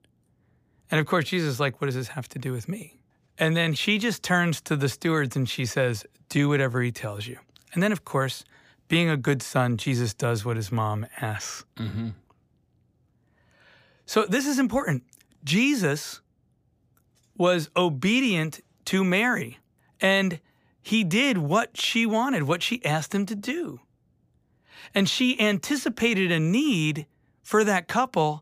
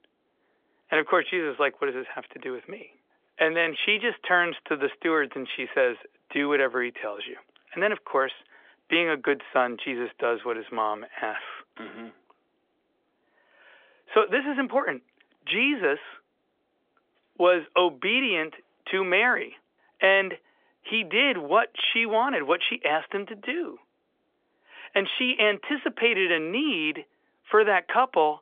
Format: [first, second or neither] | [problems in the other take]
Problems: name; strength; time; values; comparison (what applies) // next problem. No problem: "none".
first | phone-call audio; nothing above 3.5 kHz